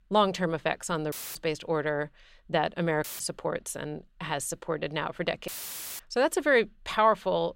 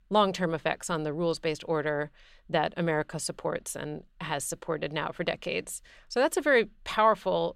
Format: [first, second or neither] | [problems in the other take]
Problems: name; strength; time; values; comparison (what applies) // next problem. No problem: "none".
second | audio cutting out; filled with static; at 1 s, at 3 s and at 5.5 s for 0.5 s